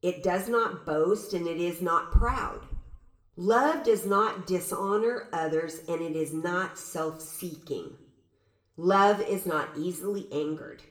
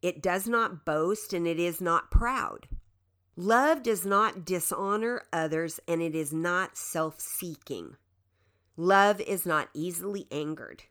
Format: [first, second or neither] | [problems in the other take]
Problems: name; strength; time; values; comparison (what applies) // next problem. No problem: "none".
second | room echo; slight; dies away in 0.6 s // off-mic speech; somewhat distant